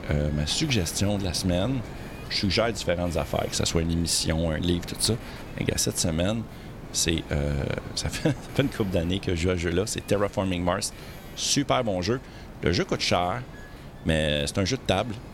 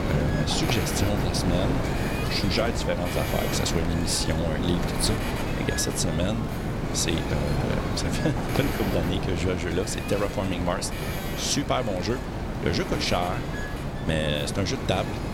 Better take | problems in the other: first | wind noise on the microphone; heavy; 2 dB below the speech; occasional gusts in the first

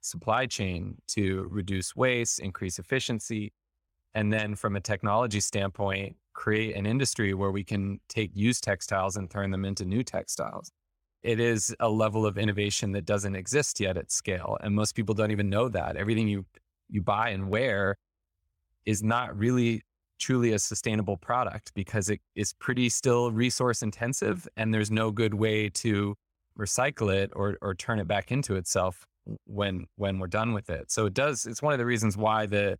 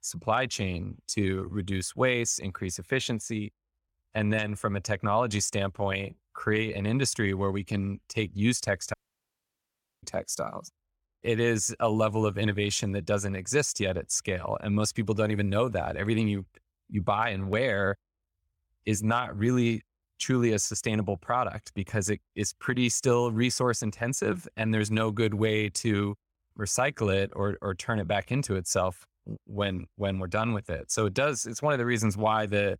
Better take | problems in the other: first | audio cutting out; at 9 s for 1 s

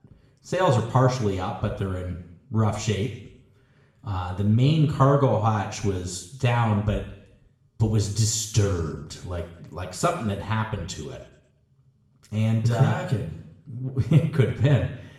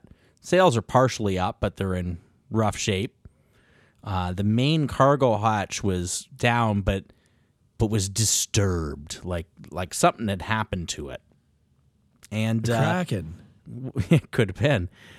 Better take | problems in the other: second | room echo; noticeable; dies away in 0.7 s // off-mic speech; far

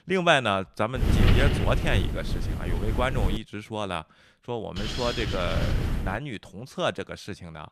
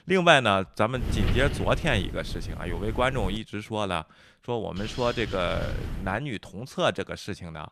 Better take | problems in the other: second | wind noise on the microphone; heavy; from 1 to 3.5 s and from 5 to 6 s; 6 dB below the speech; occasional gusts in the second

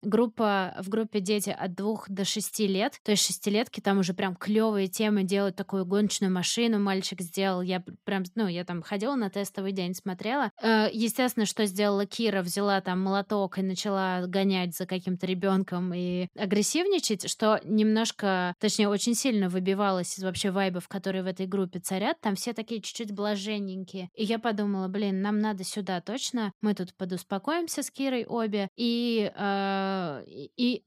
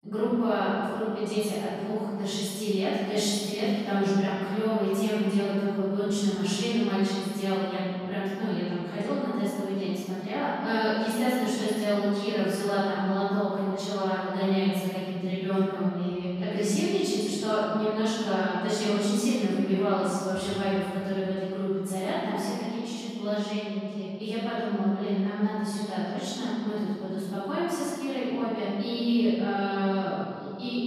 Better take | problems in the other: first | off-mic speech; far // room echo; strong; dies away in 2.2 s

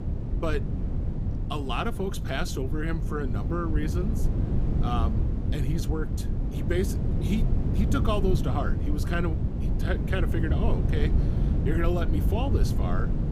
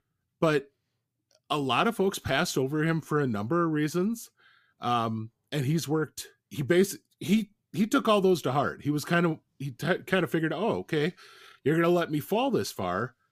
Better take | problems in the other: second | wind noise on the microphone; heavy; 6 dB below the speech

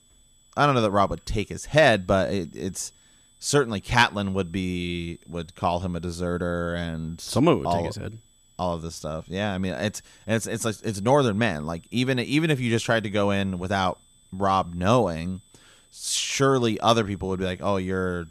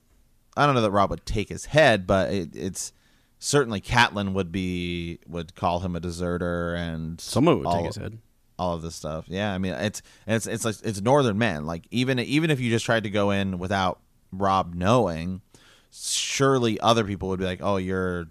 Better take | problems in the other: second | high-pitched whine; faint; throughout; 8 kHz, 30 dB below the speech

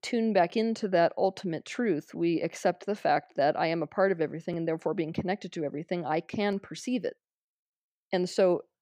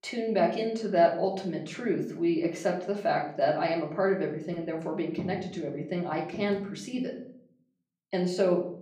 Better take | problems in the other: first | room echo; slight; dies away in 0.5 s // off-mic speech; far

